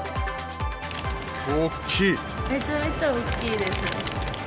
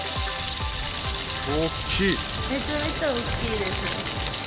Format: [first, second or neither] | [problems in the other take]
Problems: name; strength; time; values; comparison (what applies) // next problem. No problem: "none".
first | background sound (Thunder); 5 dB below the speech